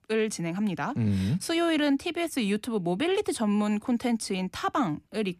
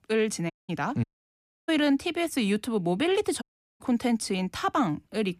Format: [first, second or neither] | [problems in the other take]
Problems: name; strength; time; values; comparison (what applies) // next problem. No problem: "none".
first | audio cutting out; at 0.5 s, at 1 s for 0.5 s and at 3.5 s